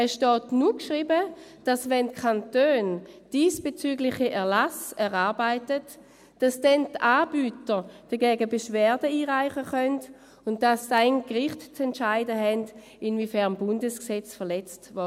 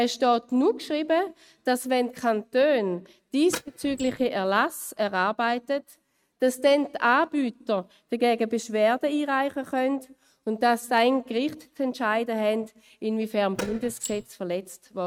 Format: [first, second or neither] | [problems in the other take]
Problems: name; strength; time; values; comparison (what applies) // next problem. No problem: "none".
first | noise reduction (neural mask model RNNoise)